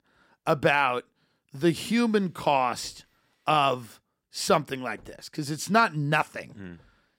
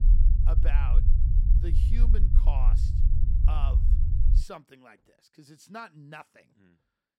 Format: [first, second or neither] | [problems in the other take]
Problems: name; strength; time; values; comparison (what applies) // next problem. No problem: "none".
first | low rumble; loud; until 4.5 s; 3 dB below the speech